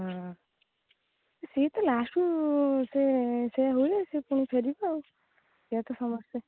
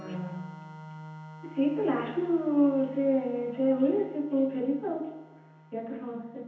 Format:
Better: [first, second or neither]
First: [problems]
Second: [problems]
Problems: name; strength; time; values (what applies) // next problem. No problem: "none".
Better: first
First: none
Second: background sound (Organ); 18 dB below the speech // room echo; dies away in 0.9 s